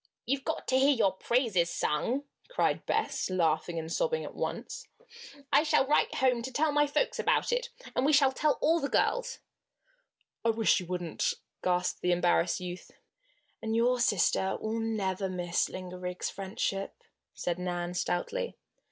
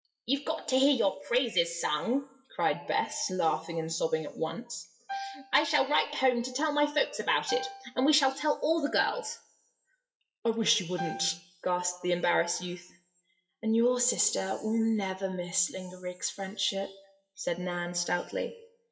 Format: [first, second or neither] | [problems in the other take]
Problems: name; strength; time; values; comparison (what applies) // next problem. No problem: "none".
first | noise reduction (classical method WPE with log-MMSE)